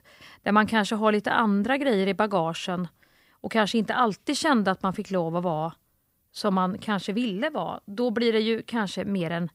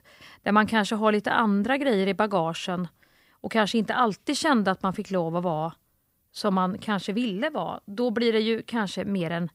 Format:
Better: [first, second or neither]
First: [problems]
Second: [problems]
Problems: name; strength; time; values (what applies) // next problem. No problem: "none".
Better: neither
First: none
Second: none